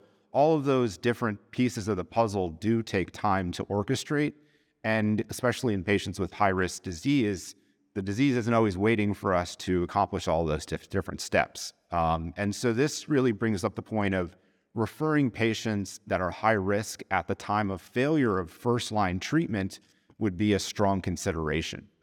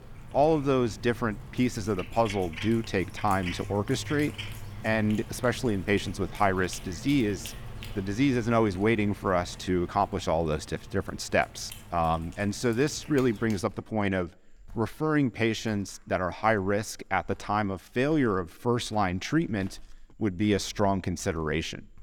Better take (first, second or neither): first